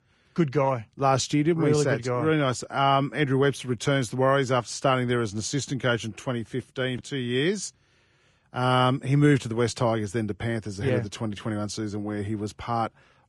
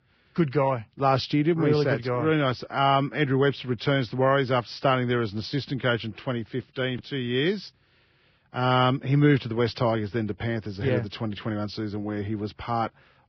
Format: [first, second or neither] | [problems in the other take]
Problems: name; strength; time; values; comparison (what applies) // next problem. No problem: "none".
first | garbled, watery; badly; nothing above 5.5 kHz; slightly in the first